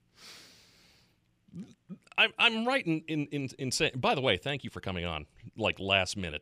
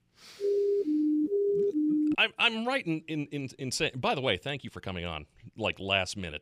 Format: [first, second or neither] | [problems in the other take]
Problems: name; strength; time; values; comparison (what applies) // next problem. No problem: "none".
first | siren; loud; until 2 s; peak 3 dB above the speech